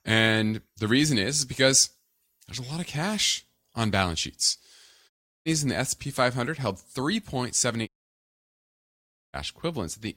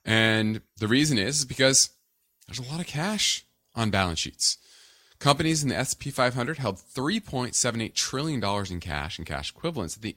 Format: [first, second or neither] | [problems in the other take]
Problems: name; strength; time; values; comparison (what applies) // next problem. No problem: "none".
second | audio cutting out; at 5 s and at 8 s for 1.5 s